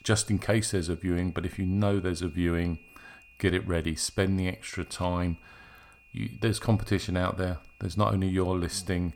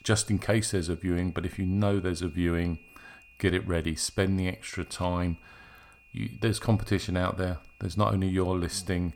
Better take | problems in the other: neither | high-pitched whine; faint; throughout; 2.5 kHz, 25 dB below the speech; the same in both

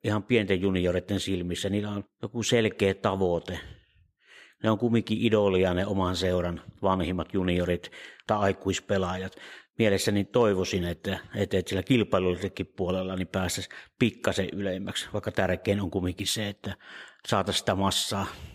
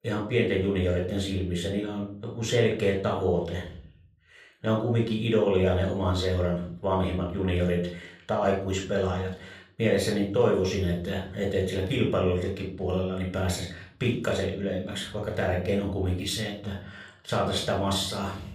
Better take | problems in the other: first | off-mic speech; somewhat distant // room echo; slight; dies away in 0.5 s

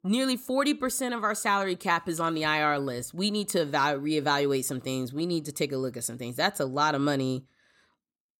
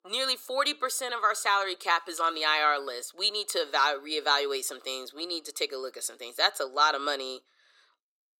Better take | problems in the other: first | thin; very; fading below 400 Hz

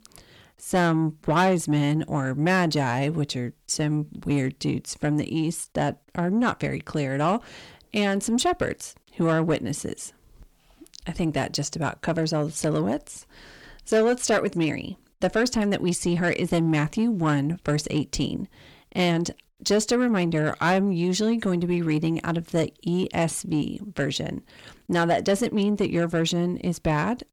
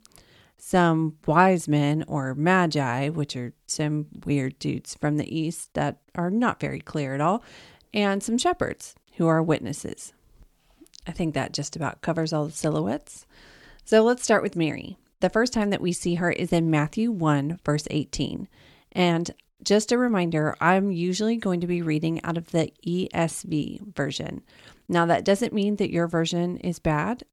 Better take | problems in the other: second | distortion; slight; 10 dB below the speech

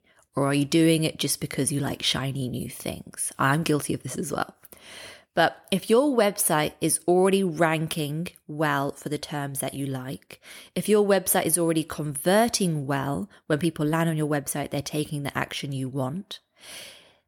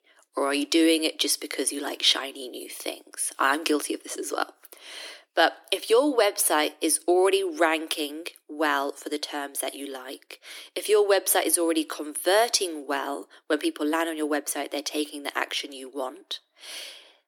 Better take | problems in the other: first | thin; somewhat; fading below 300 Hz

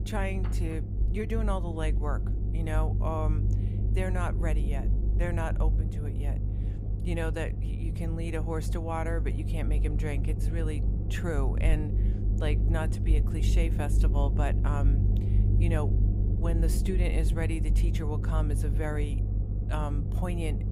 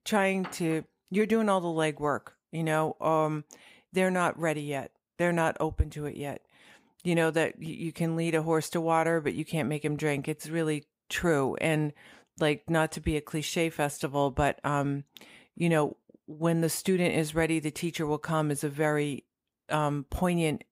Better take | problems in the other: second | low rumble; loud; throughout; 7 dB below the speech

